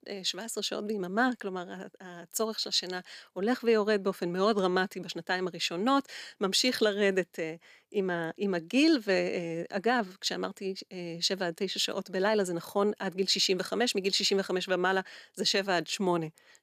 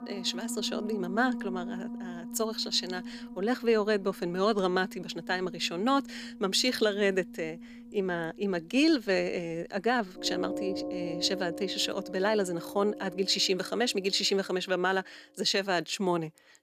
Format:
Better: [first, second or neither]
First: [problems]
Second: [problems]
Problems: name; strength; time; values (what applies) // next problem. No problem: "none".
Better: first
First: none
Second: background music; noticeable; throughout; 10 dB below the speech